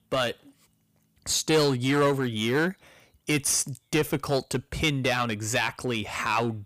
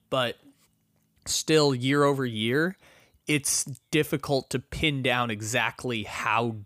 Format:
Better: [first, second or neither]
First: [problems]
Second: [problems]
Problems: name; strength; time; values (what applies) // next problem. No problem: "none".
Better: second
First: distortion; slight; 5% of the sound clipped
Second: none